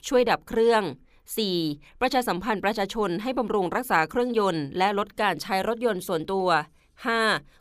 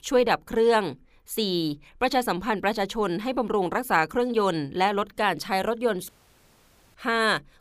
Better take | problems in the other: first | audio cutting out; at 6 s for 1 s

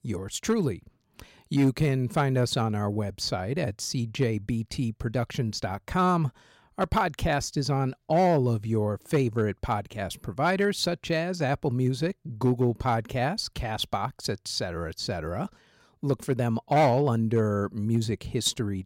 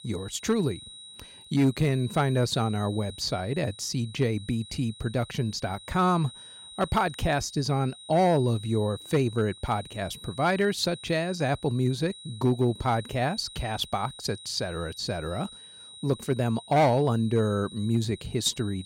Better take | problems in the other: first | high-pitched whine; noticeable; throughout; 4 kHz, 15 dB below the speech

